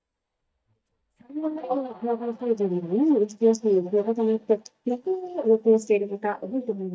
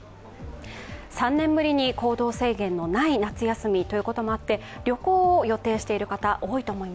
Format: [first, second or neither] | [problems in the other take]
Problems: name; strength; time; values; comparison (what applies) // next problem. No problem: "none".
second | noise reduction (neural mask model DeepFilterNet 3)